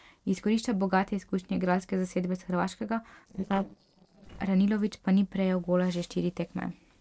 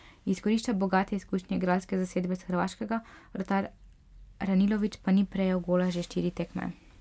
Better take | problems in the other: second | noise reduction (neural separator model SepFormer DNS4)

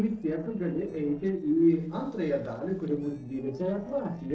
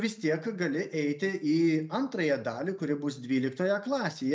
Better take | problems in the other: second | noise reduction (neural separator model SepFormer DNS4)

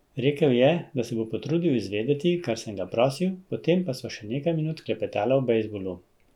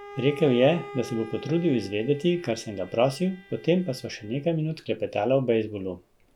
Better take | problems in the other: first | background sound (Bowed string instrument); 19 dB below the speech

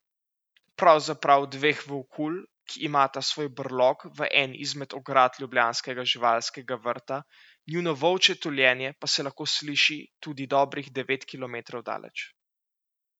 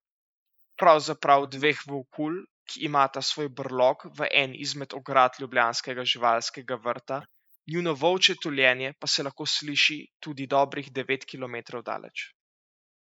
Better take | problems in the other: first | noise reduction (neural mask model Resemble Enhance denoiser)

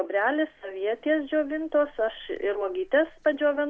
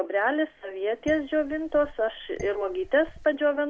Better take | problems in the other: first | background sound (Dishes, pots, and pans); 18 dB below the speech

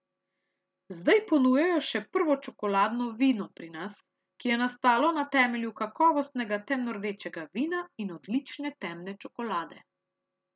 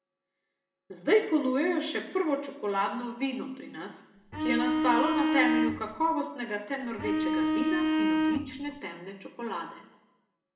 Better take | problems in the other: first | background sound (Bowed string instrument); 3 dB above the speech // room echo; dies away in 0.8 s

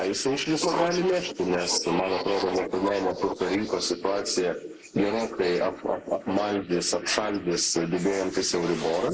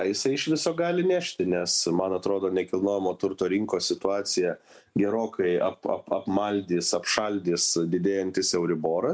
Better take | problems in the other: second | noise reduction (neural mask model Resemble Enhance denoiser)

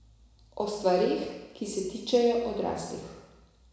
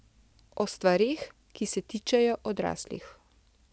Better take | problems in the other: second | room echo; dies away in 1 s

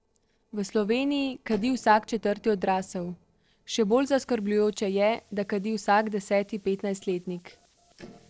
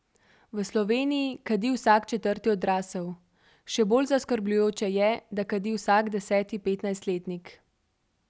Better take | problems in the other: second | noise reduction (neural separator model SepFormer DNS4)

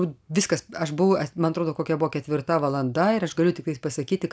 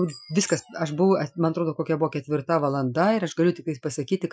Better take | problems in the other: first | noise reduction (classical method Wiener filter)

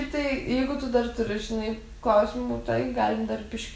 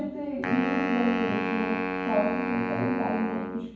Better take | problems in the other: first | background sound (Wind instrument, woodwind instrument); 2 dB below the speech // room echo; dies away in 0.9 s

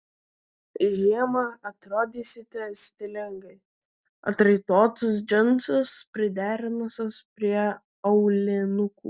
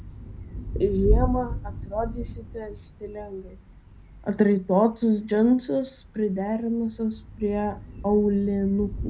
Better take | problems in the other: first | background sound (Thunder / Rain); 7 dB below the speech // room echo; dies away in 0.3 s

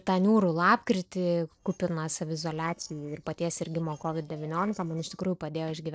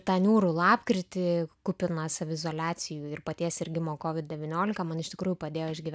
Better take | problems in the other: second | noise reduction (neural separator model SepFormer DNS4)

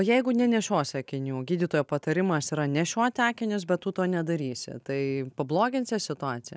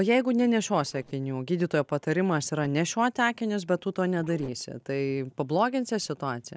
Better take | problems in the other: first | noise reduction (neural separator model SepFormer DNS4)

